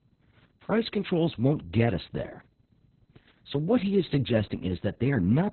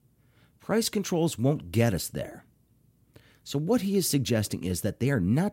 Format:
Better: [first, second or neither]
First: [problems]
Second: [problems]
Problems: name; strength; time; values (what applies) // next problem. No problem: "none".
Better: second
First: garbled, watery; badly; nothing above 4 kHz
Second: none